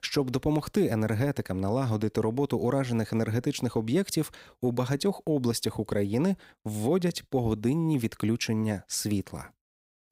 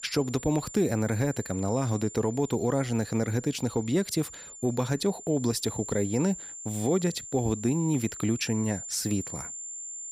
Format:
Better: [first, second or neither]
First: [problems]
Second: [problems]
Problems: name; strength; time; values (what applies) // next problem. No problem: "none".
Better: first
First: none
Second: high-pitched whine; noticeable; throughout; 7.5 kHz, 10 dB below the speech